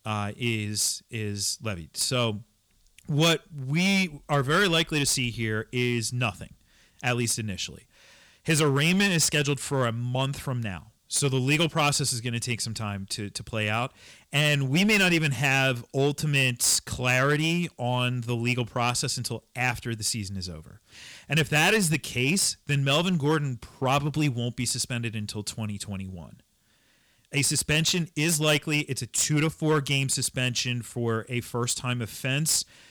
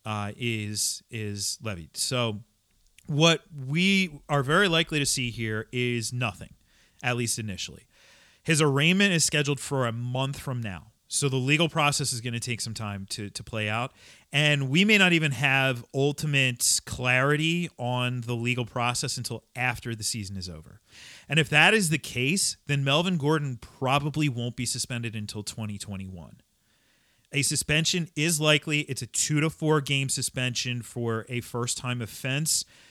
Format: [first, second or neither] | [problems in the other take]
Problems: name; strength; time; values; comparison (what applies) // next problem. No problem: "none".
second | distortion; slight; 4% of the sound clipped